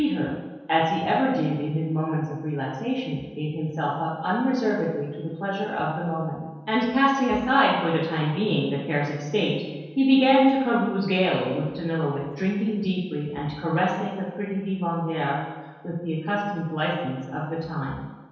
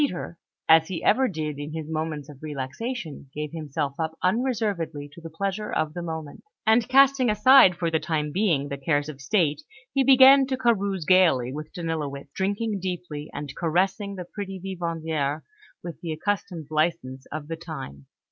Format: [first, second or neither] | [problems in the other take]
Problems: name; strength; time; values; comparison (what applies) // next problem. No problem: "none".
second | room echo; dies away in 1.2 s